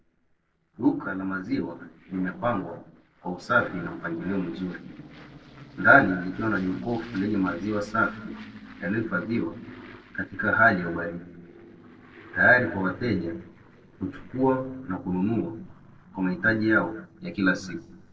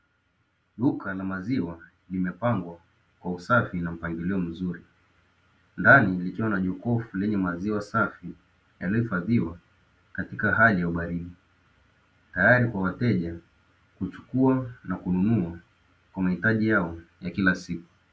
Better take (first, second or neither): second